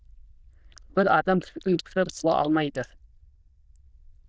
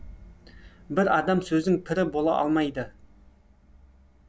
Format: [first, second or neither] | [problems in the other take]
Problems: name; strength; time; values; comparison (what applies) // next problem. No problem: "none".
second | noise reduction (neural diffusion model UNIVERSE++)